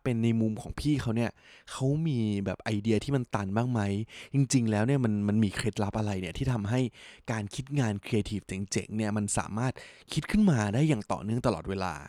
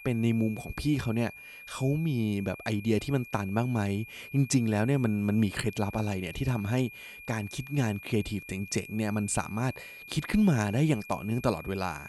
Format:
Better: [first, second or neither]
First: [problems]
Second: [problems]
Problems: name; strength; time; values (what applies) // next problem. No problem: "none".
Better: first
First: none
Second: high-pitched whine; noticeable; throughout; 2.5 kHz, 15 dB below the speech